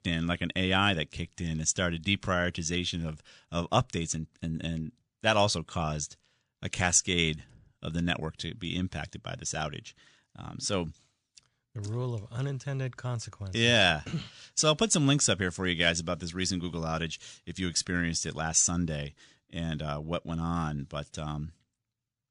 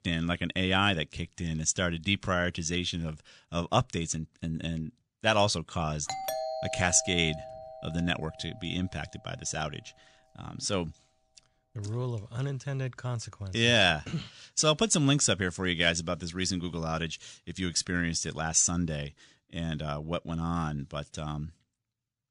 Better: first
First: none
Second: doorbell; noticeable; from 6 to 8 s; peak 4 dB below the speech

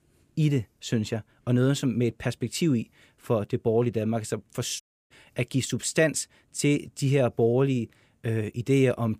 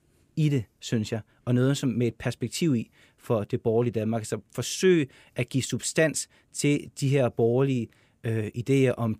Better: second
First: audio cutting out; at 5 s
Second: none

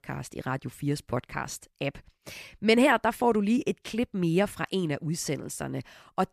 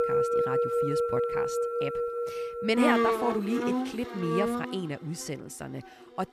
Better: first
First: none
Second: background music; very loud; throughout; 4 dB above the speech

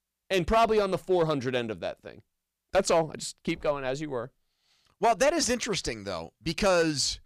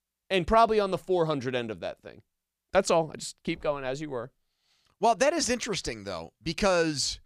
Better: second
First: distortion; slight; 3% of the sound clipped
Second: none

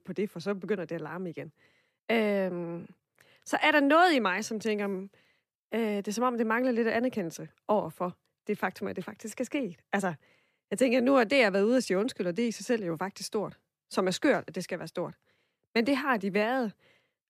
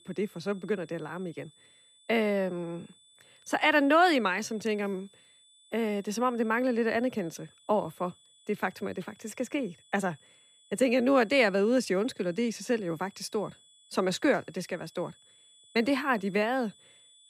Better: first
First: none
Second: high-pitched whine; faint; throughout; 3.5 kHz, 30 dB below the speech

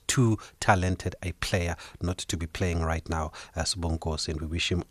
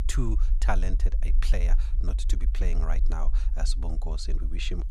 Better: first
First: none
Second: low rumble; noticeable; throughout; 15 dB below the speech

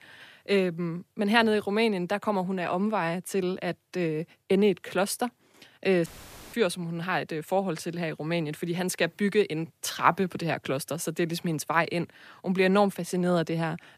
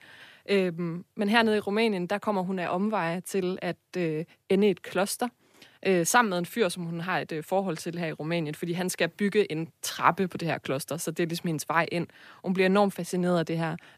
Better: second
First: audio cutting out; filled with static; at 6 s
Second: none

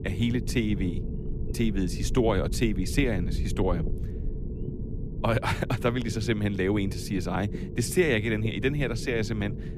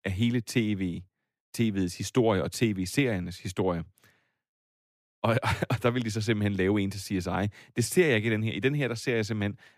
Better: second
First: low rumble; noticeable; throughout; 15 dB below the speech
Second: none

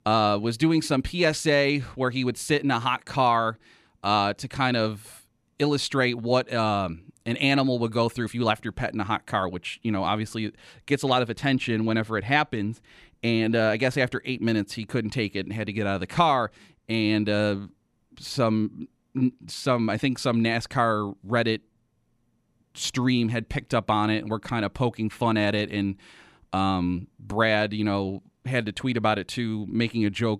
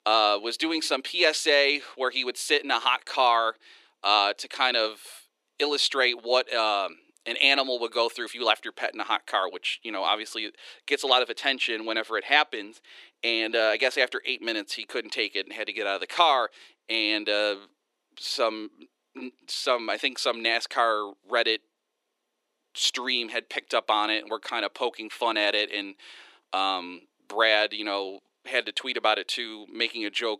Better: first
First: none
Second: thin; very; fading below 350 Hz

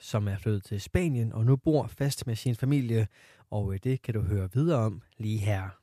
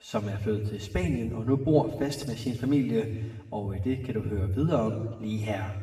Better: first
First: none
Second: room echo; noticeable; dies away in 1.2 s // off-mic speech; far

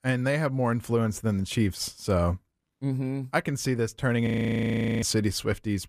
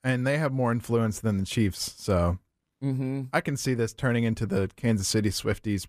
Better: second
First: audio freezing; at 4.5 s for 1 s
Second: none

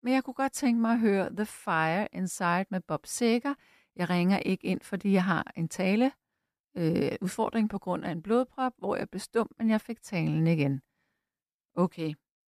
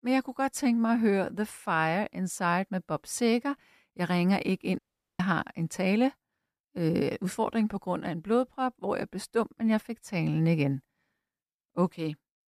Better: first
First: none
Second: audio cutting out; at 5 s

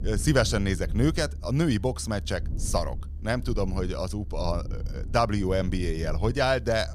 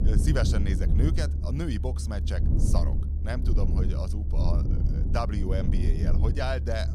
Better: first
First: low rumble; faint; throughout; 20 dB below the speech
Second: low rumble; loud; throughout; 6 dB below the speech

